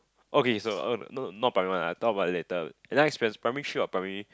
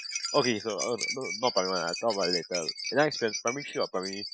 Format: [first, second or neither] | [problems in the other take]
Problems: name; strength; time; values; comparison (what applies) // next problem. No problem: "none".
first | noise reduction (classical method Wiener filter)